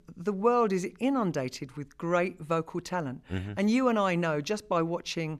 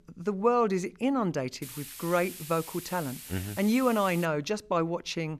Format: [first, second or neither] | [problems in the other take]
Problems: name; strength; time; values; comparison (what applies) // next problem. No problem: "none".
first | hiss; noticeable; from 1.5 to 4.5 s; 15 dB below the speech